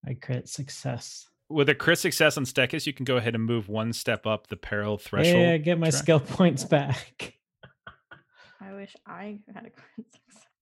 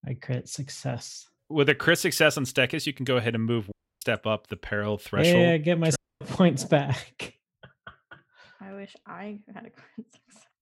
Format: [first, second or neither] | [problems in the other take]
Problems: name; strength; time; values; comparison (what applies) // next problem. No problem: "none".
first | audio cutting out; at 3.5 s and at 6 s